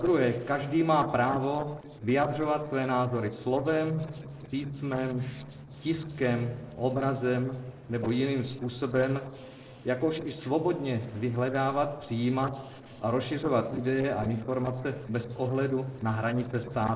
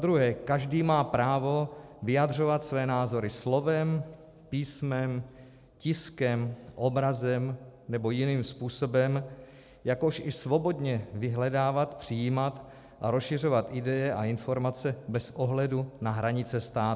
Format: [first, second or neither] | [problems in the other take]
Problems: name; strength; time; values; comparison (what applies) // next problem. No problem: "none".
second | noise reduction (neural separator model SepFormer DNS4)